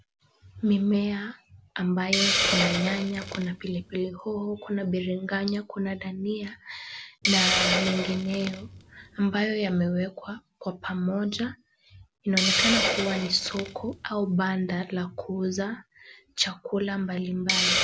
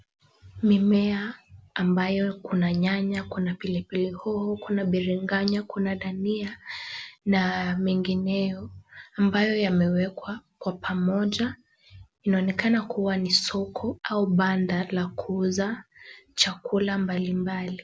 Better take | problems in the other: second | background sound (Hiss); 3 dB below the speech

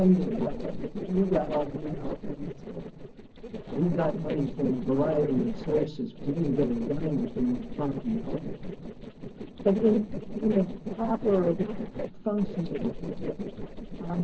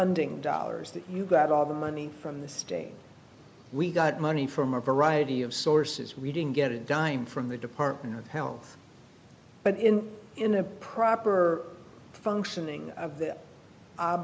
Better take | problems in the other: second | noise reduction (neural separator model SepFormer DNS4)

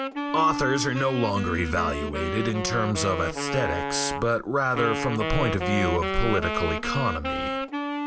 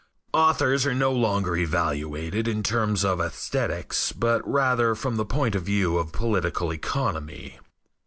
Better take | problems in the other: second | background sound (Wind instrument, woodwind instrument); 3 dB below the speech

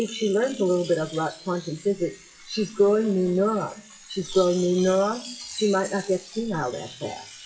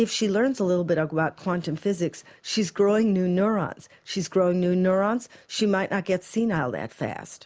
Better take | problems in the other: second | noise reduction (classical method WPE with log-MMSE)

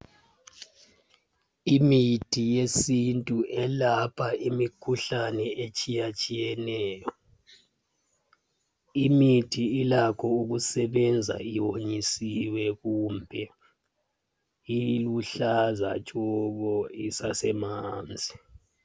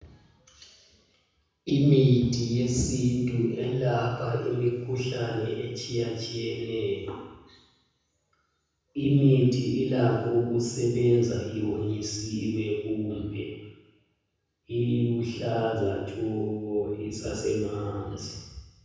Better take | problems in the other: first | room echo; dies away in 1.1 s

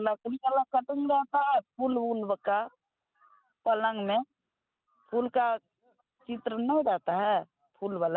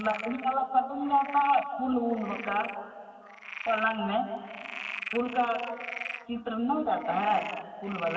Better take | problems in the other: first | background sound (Frog); 12 dB below the speech // room echo; dies away in 2.4 s

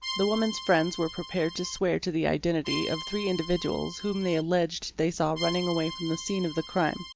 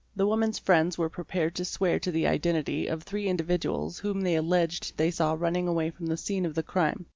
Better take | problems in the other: second | background sound (Accordion); 10 dB below the speech

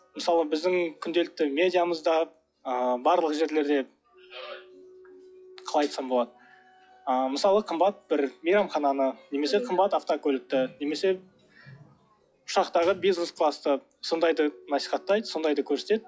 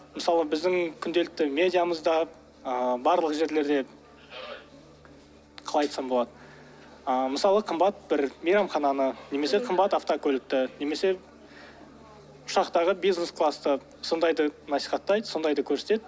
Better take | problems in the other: second | noise reduction (classical method log-MMSE)

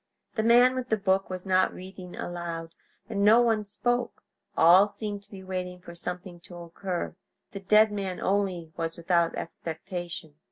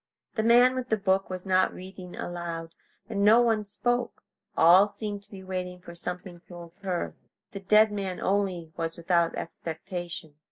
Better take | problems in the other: first | noise reduction (neural mask model Resemble Enhance denoiser)

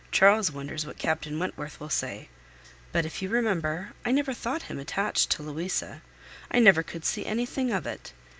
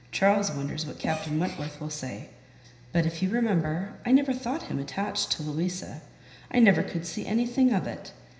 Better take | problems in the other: first | background sound (Gasp); 16 dB below the speech // room echo; dies away in 0.9 s

